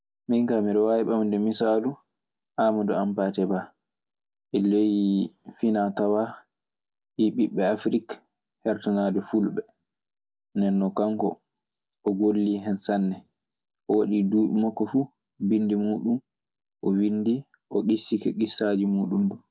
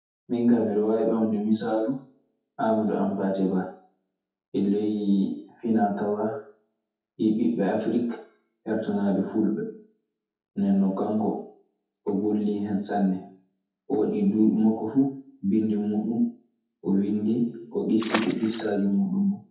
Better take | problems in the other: first | noise reduction (classical method WPE with log-MMSE)

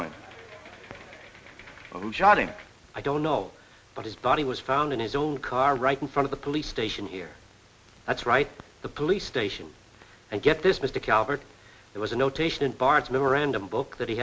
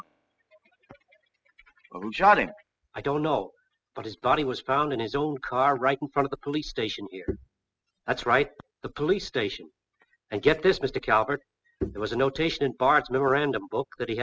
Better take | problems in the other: first | noise reduction (classical method spectral subtraction)

